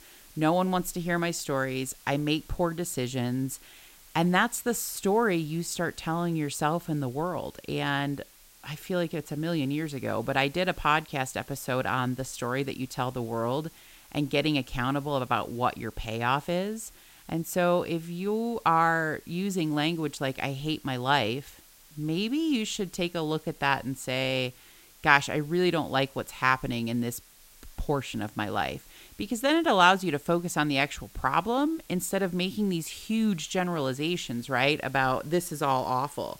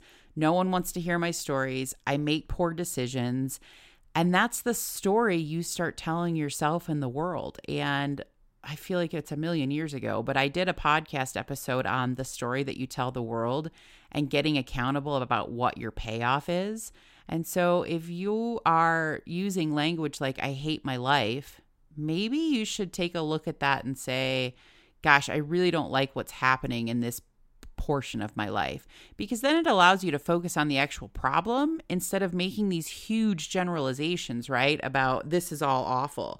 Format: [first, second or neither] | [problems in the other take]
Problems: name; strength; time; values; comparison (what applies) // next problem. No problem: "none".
second | hiss; faint; throughout; 25 dB below the speech